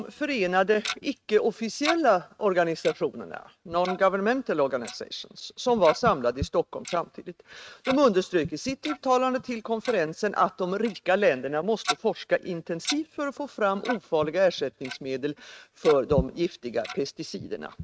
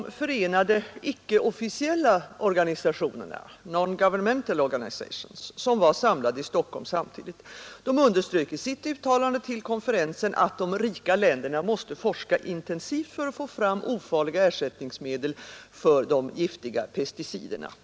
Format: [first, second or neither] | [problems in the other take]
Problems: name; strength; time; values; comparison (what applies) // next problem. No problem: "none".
second | noise reduction (neural mask model RNNoise)